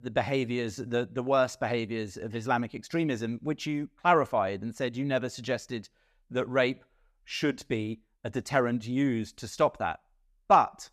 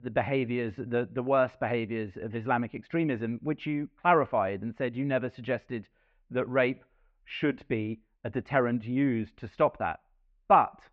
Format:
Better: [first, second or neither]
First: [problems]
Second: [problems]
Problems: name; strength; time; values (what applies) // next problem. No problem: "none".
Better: first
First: none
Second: muffled; very; fading above 2.5 kHz